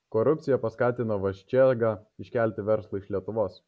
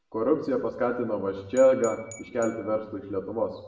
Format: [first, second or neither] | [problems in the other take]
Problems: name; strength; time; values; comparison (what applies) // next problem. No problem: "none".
first | background sound (Glass / Bell); 20 dB below the speech // room echo; dies away in 0.8 s